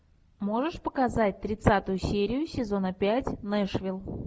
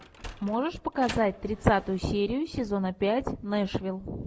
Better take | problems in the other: first | background sound (Sliding door); 19 dB below the speech

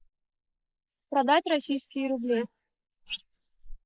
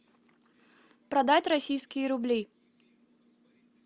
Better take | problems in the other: second | noise reduction (neural mask model Resemble Enhance denoiser)

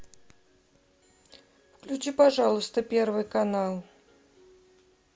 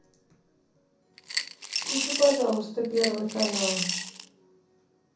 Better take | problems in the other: first | background sound (Coin (dropping) / Glass); 2 dB below the speech // room echo; dies away in 0.6 s

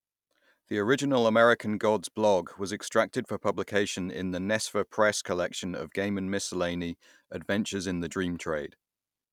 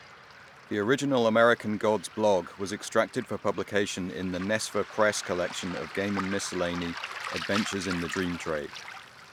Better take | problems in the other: first | background sound (Waves, surf); 12 dB below the speech

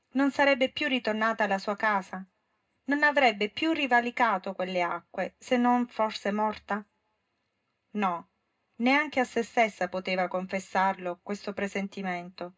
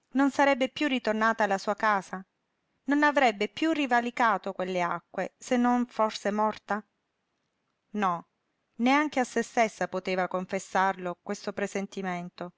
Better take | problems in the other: second | room echo; dies away in 0.2 s

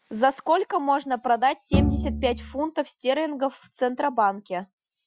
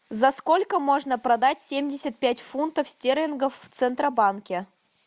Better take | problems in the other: second | noise reduction (classical method Wiener filter)

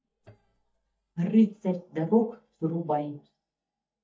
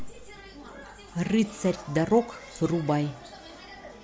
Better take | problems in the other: second | noise reduction (neural mask model DeepFilterNet 3)

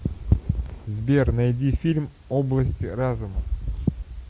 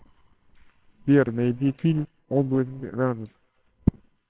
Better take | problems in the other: first | noise reduction (neural separator model SepFormer WHAMR!)

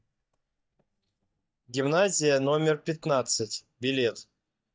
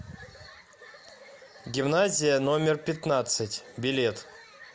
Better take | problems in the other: second | noise reduction (neural mask model DeepFilterNet 3)

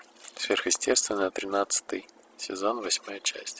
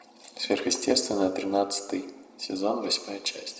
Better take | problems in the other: first | room echo; dies away in 0.7 s

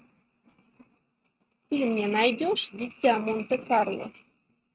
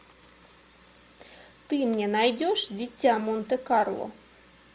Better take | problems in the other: second | noise reduction (neural mask model RNNoise)

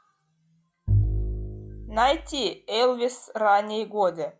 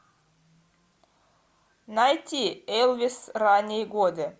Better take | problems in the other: second | noise reduction (classical method log-MMSE)

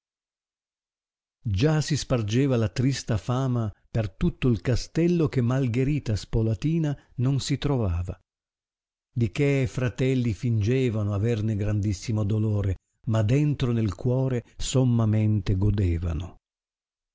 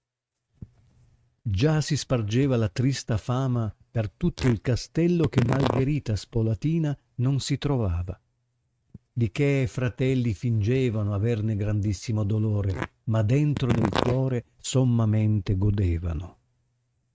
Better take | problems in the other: first | noise reduction (neural mask model RNNoise)

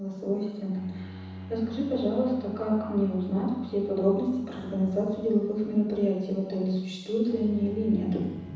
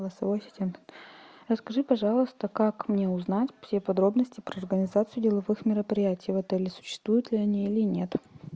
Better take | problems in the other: second | background sound (Bowed string instrument); 17 dB below the speech // room echo; dies away in 1.1 s

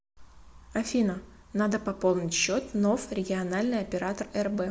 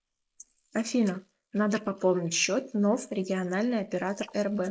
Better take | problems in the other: first | noise reduction (neural mask model Resemble Enhance denoiser)

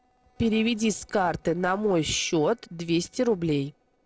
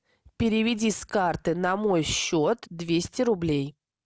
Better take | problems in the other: second | noise reduction (neural separator model SepFormer DNS4)

